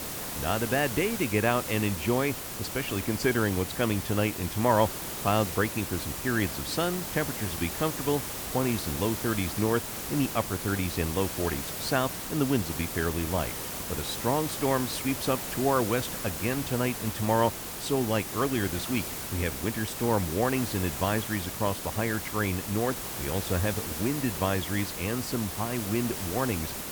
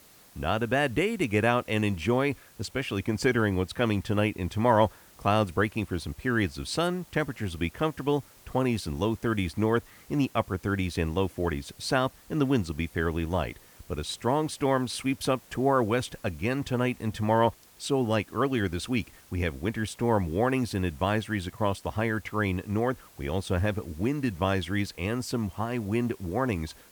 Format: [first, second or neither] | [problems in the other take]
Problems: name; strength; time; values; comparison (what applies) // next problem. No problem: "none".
second | hiss; loud; throughout; 4 dB below the speech; faint in the second